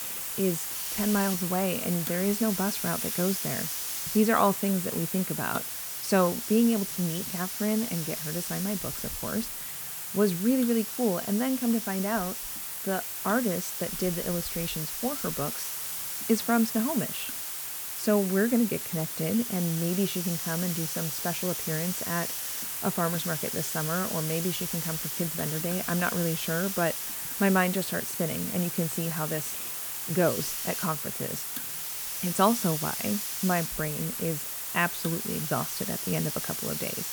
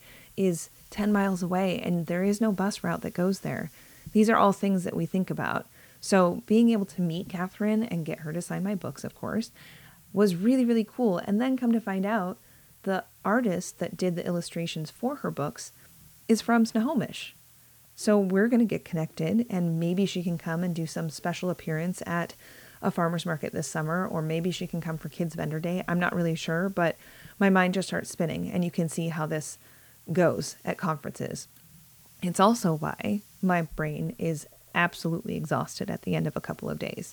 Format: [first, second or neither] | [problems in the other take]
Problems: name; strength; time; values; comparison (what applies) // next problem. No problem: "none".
second | hiss; loud; throughout; 2 dB below the speech; faint in the second